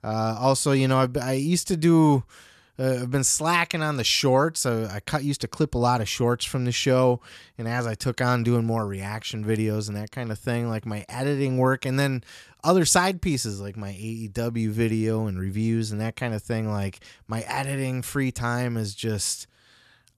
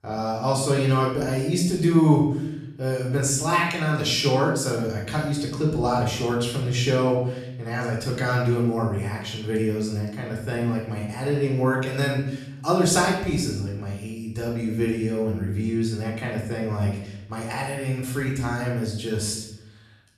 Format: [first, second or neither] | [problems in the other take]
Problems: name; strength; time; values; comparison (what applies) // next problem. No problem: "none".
first | off-mic speech; far // room echo; noticeable; dies away in 0.7 s